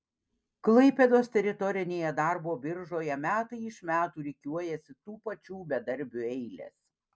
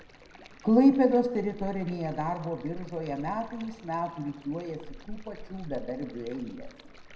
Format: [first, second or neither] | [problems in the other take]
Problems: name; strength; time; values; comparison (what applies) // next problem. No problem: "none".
first | background sound (Stream); 15 dB below the speech // room echo; dies away in 0.7 s